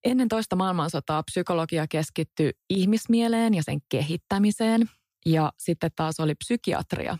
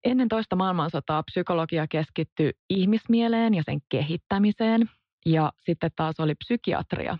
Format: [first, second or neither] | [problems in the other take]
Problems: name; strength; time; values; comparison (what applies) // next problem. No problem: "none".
first | muffled; slightly; fading above 3.5 kHz